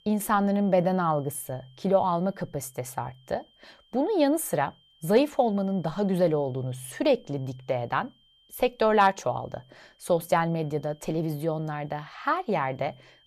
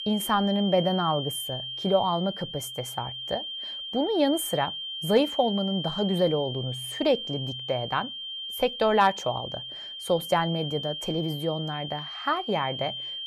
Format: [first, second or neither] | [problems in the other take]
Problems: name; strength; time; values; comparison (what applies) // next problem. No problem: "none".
first | high-pitched whine; loud; throughout; 3 kHz, 6 dB below the speech; faint in the first